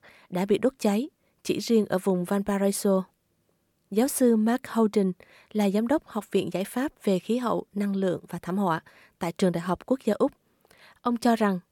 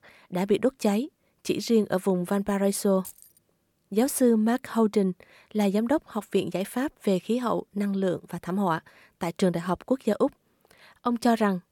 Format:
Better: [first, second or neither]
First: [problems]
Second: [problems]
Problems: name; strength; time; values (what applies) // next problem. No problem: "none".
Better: first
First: none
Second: jangling keys; faint; at 3 s; peak 15 dB below the speech